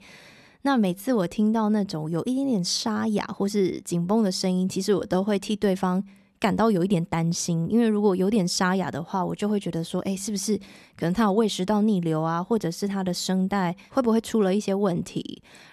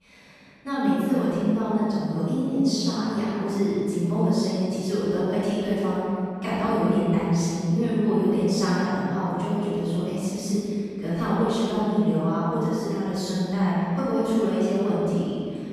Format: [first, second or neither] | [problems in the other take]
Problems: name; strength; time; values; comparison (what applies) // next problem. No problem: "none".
first | room echo; strong; dies away in 2.3 s // off-mic speech; far